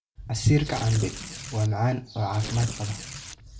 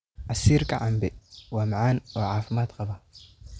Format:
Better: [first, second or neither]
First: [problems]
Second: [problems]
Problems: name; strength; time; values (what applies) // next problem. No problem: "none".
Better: second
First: background sound (Tearing); 10 dB below the speech // room echo; dies away in 0.3 s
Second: none